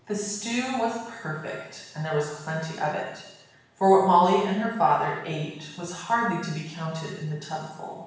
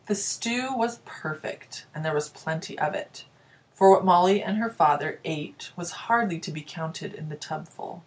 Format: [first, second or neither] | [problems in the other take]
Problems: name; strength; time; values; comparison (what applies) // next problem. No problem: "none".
second | room echo; dies away in 0.9 s